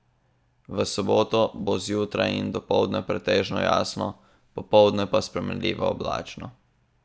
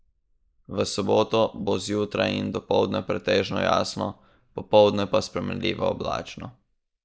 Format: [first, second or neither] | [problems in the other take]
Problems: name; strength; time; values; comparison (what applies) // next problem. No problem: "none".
first | noise reduction (neural mask model Resemble Enhance denoiser)